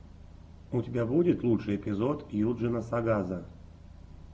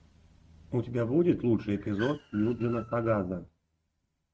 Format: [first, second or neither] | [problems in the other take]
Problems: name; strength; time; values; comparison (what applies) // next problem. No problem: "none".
first | noise reduction (neural mask model RNNoise)